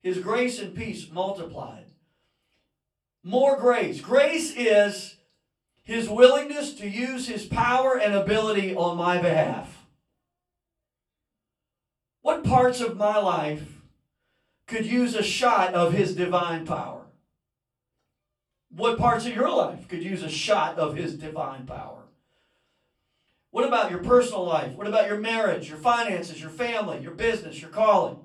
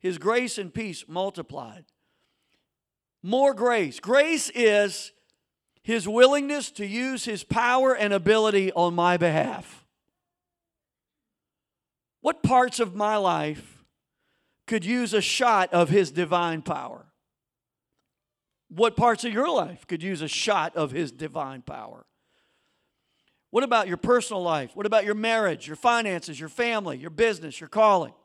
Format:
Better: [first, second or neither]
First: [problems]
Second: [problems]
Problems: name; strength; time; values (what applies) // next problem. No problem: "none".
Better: second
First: room echo; slight; dies away in 0.3 s // off-mic speech; far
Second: none